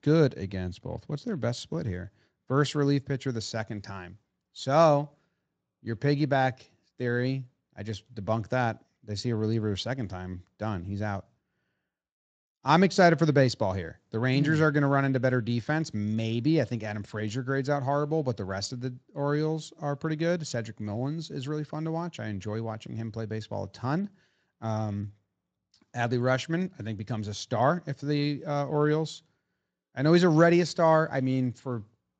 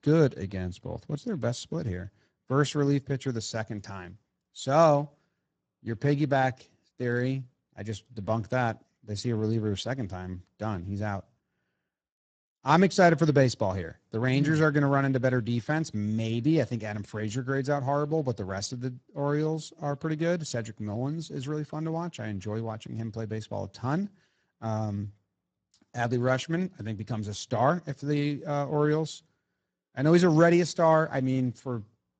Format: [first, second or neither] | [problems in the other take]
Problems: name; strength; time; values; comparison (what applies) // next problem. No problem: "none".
first | garbled, watery; badly; nothing above 7.5 kHz; slightly in the first